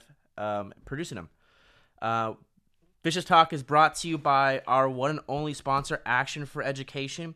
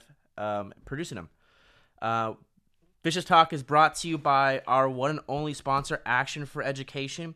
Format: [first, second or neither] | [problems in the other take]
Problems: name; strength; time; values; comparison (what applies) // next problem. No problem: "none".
neither | none